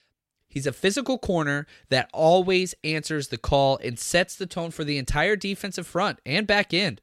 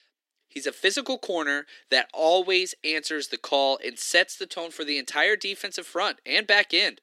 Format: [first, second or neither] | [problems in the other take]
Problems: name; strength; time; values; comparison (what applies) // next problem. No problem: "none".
first | thin; somewhat; fading below 250 Hz